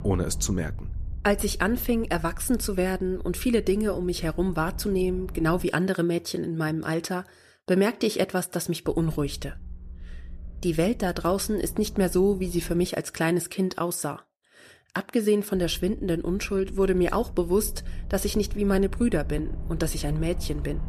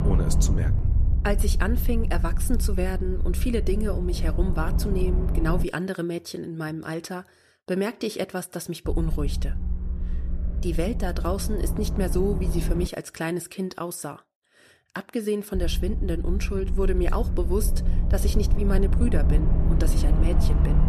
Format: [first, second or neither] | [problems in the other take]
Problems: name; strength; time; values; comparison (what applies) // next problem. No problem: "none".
first | low rumble; loud; until 5.5 s, from 9 to 13 s and from 16 s on; 9 dB below the speech; faint in the first